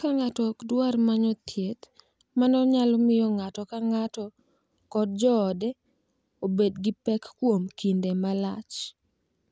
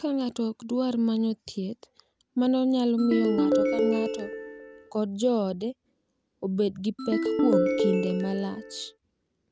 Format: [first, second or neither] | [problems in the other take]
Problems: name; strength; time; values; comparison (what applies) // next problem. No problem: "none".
first | background sound (Ringtone); 1 dB above the speech